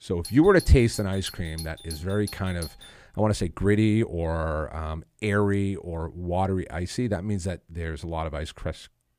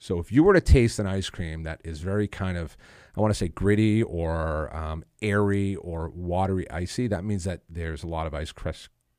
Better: second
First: doorbell; faint; until 3 s; peak 10 dB below the speech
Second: none

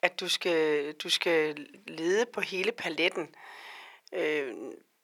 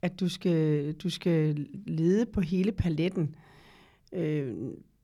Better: second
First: thin; very; fading below 500 Hz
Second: none

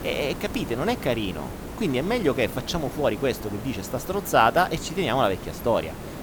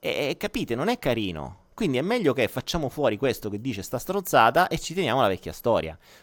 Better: second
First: hiss; noticeable; throughout; 10 dB below the speech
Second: none

